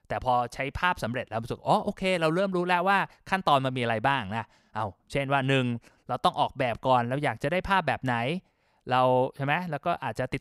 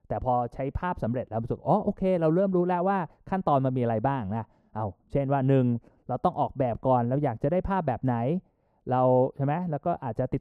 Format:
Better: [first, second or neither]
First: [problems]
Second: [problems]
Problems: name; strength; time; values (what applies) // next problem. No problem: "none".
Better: first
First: none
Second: muffled; very; fading above 1 kHz